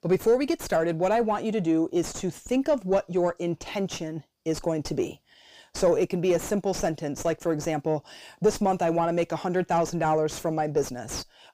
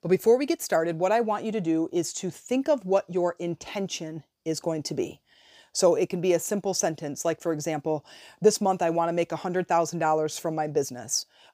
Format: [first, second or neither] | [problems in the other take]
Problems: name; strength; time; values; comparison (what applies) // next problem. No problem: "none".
second | distortion; slight; 9 dB below the speech